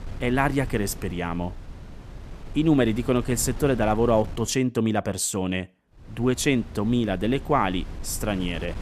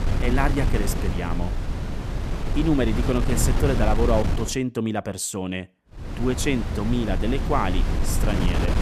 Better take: first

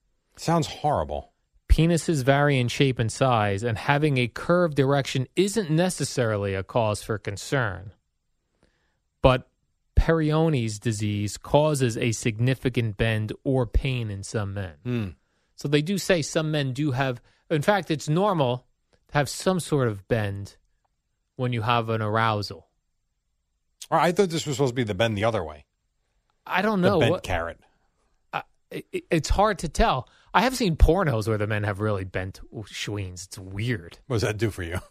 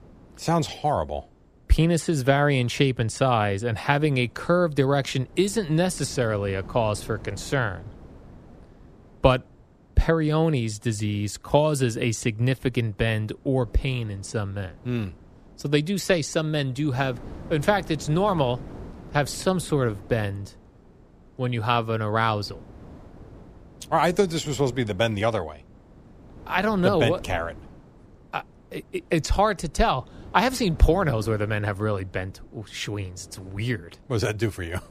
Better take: first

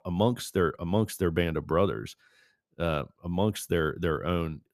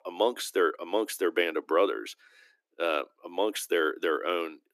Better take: first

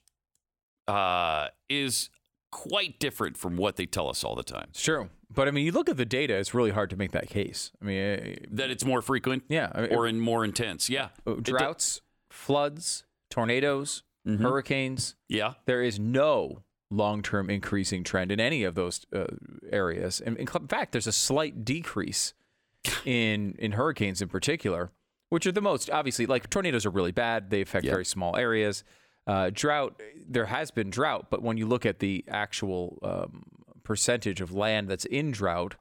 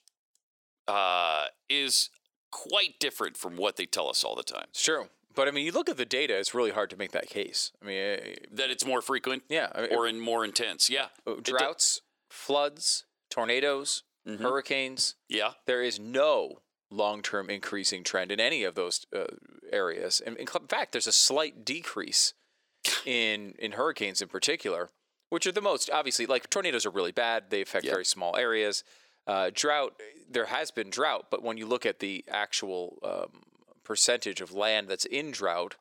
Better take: first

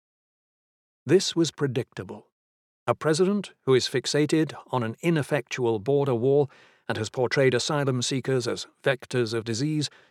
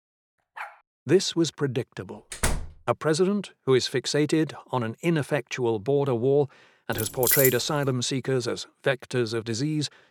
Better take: first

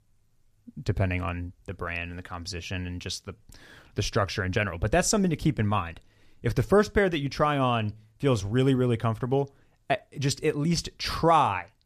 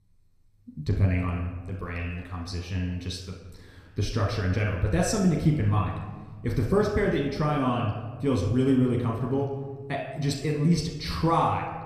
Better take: first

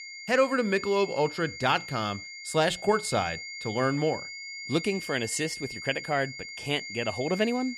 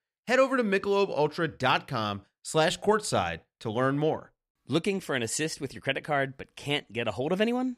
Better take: second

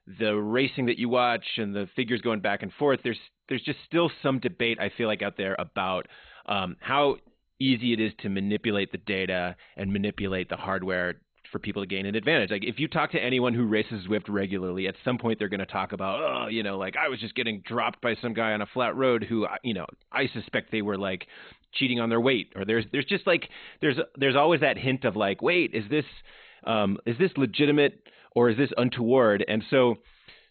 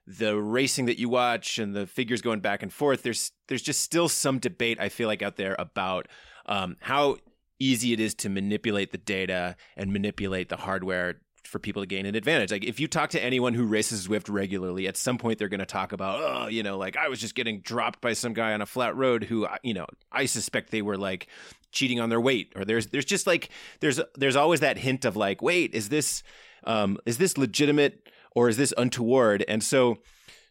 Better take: second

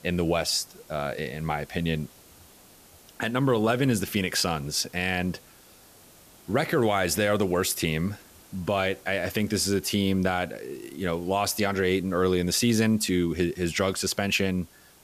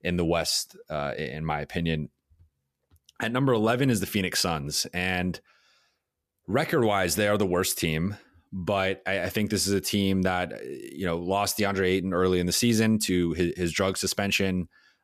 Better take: second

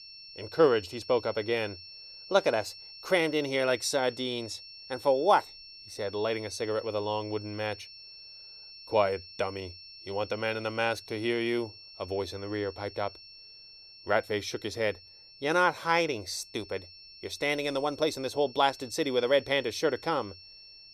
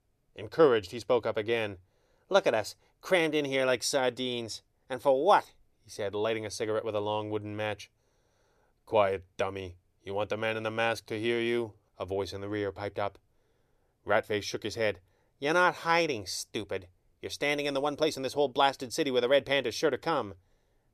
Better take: second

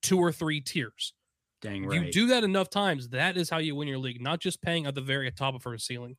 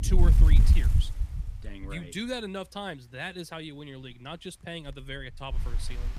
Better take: first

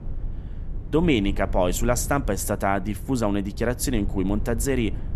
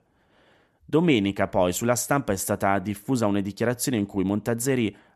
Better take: second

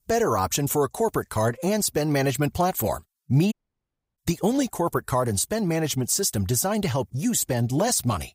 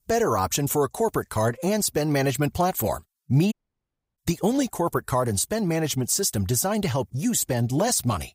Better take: neither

